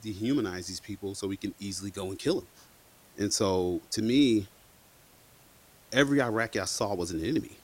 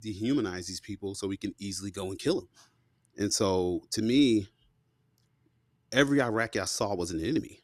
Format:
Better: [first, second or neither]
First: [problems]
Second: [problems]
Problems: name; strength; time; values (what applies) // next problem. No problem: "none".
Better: second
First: hiss; faint; throughout; 25 dB below the speech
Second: none